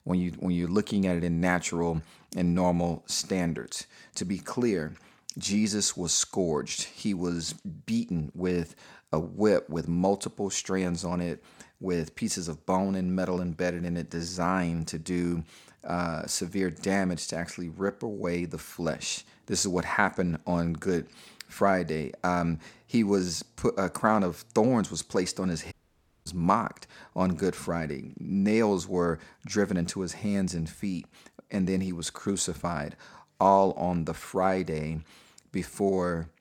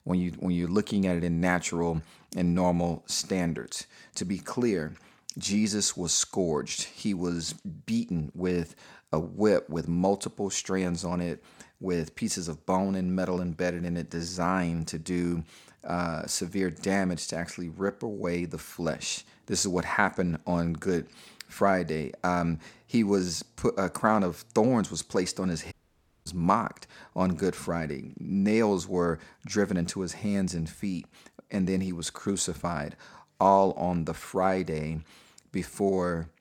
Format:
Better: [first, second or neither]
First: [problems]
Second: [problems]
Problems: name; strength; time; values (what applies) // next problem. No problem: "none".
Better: neither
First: audio cutting out; at 26 s for 0.5 s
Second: audio cutting out; at 26 s for 0.5 s